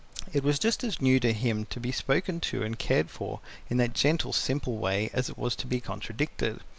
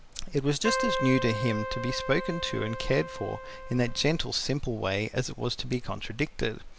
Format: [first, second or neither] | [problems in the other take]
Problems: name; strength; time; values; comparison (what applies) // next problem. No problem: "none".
first | background sound (Keyboard (musical)); 5 dB below the speech